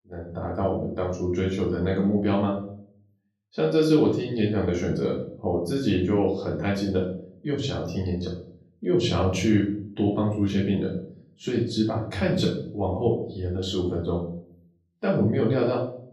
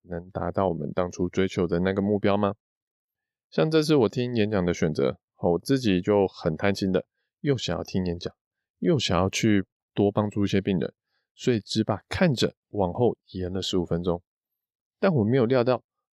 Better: second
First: room echo; slight; dies away in 0.6 s // off-mic speech; far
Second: none

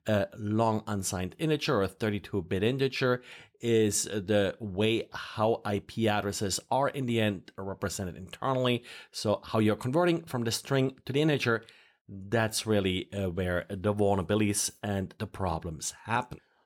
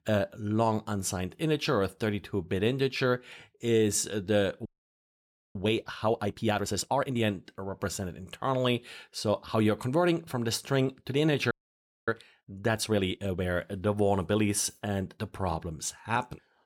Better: first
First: none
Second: audio freezing; at 4.5 s for 1 s and at 12 s for 0.5 s

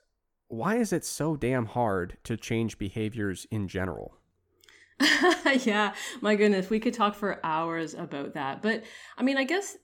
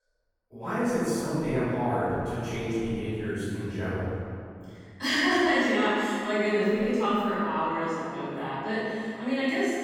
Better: first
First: none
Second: off-mic speech; far // room echo; strong; dies away in 2.3 s

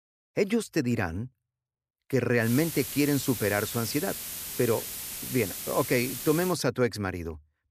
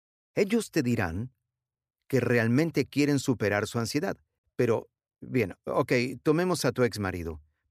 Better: second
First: hiss; loud; from 2.5 to 6.5 s; 6 dB below the speech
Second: none

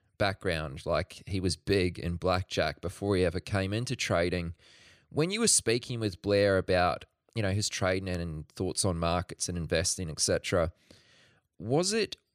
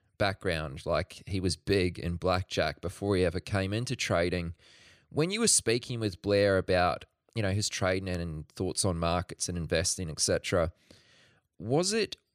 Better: neither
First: none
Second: none

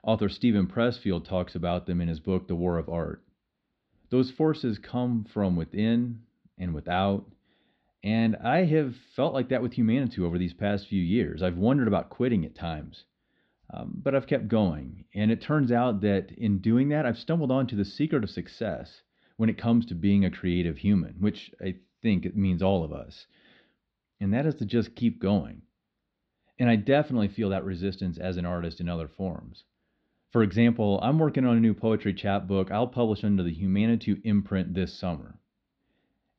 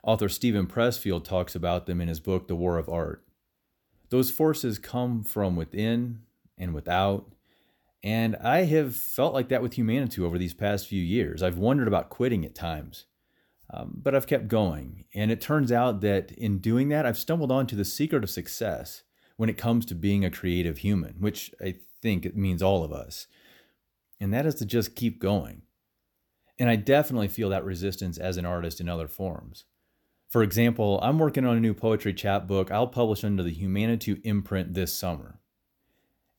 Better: second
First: muffled; very slightly; fading above 4.5 kHz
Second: none

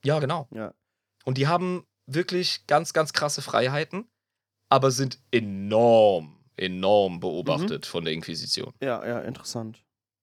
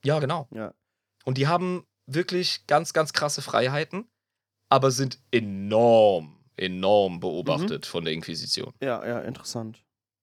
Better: neither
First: none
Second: none

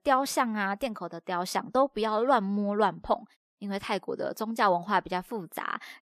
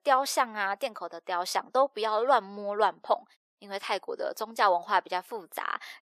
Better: first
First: none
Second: thin; somewhat; fading below 550 Hz

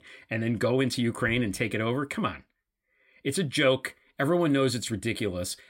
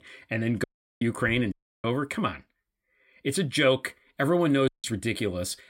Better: first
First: none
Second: audio cutting out; at 0.5 s, at 1.5 s and at 4.5 s

